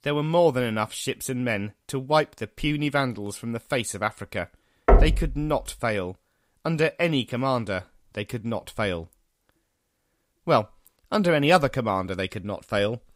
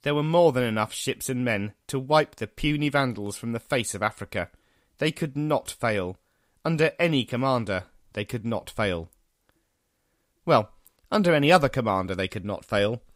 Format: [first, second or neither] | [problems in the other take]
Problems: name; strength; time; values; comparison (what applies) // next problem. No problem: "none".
second | door banging; loud; at 5 s; peak 6 dB above the speech